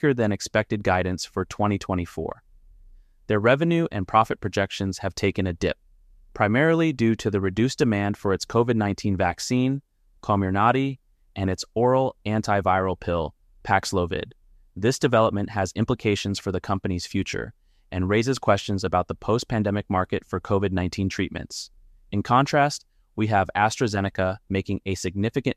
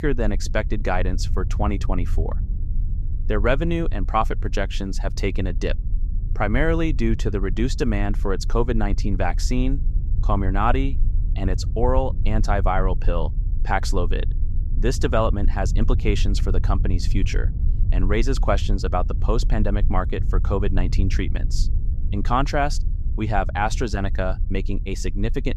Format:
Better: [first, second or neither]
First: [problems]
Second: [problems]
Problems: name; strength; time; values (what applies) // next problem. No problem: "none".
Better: first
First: none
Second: low rumble; noticeable; throughout; 20 dB below the speech